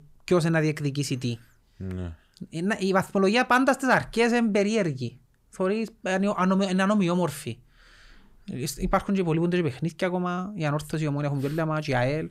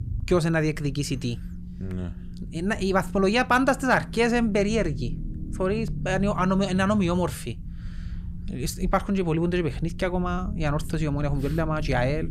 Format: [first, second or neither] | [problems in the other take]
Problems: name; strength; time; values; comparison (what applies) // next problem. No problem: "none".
first | low rumble; faint; throughout; 20 dB below the speech